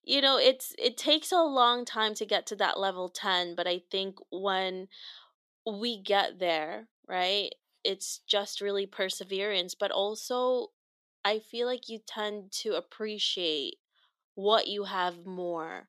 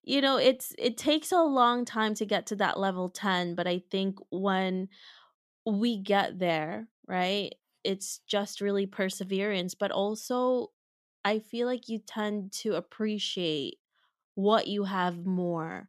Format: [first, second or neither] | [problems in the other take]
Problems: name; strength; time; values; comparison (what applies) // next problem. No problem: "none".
second | thin; somewhat; fading below 400 Hz